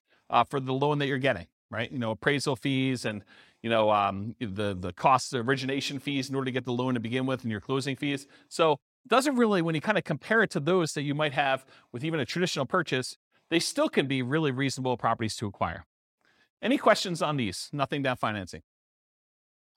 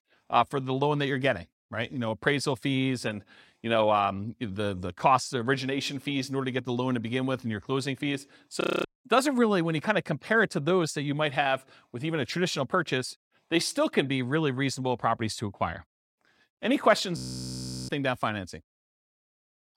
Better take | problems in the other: first | audio freezing; at 8.5 s and at 17 s for 0.5 s

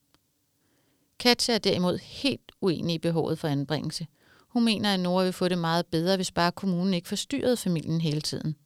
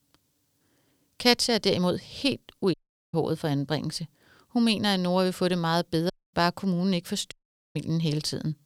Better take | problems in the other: first | audio cutting out; at 2.5 s, at 6 s and at 7.5 s

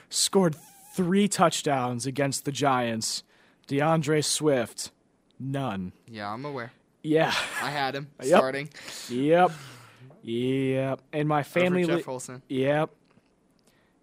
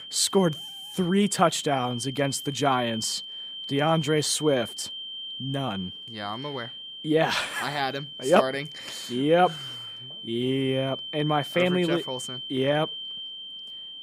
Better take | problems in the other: first | high-pitched whine; loud; throughout; 3 kHz, 10 dB below the speech

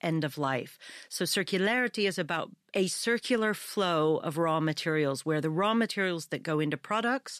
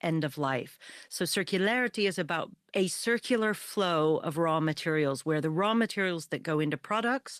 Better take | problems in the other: first | garbled, watery; slightly; nothing above 14 kHz

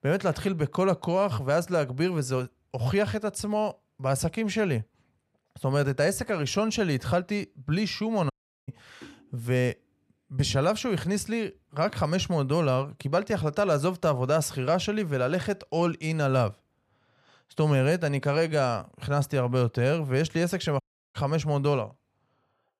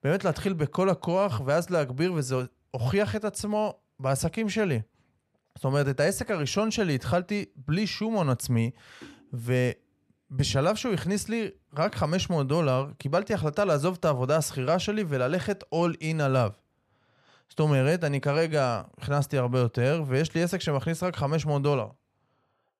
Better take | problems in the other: second | audio cutting out; at 8.5 s and at 21 s

